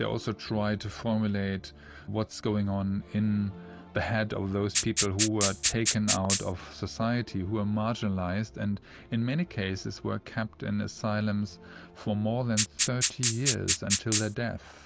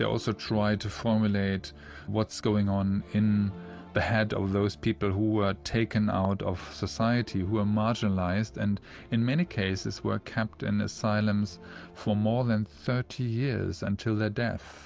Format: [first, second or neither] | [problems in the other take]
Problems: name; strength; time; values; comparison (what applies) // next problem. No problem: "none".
second | background sound (Rattle (instrument)); 1 dB above the speech